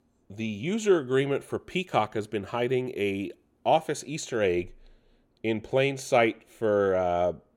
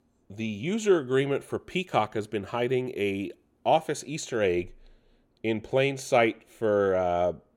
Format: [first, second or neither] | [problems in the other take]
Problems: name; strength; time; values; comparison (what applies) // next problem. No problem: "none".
neither | none